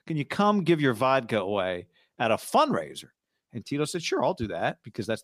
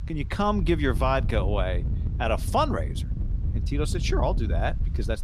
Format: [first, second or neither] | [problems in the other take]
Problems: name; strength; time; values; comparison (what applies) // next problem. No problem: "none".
first | wind noise on the microphone; occasional gusts; 15 dB below the speech